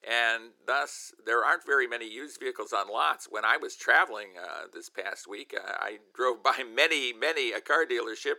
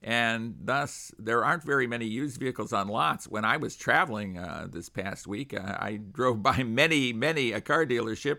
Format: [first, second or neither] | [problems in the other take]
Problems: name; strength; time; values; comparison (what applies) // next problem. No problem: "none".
second | thin; very; fading below 350 Hz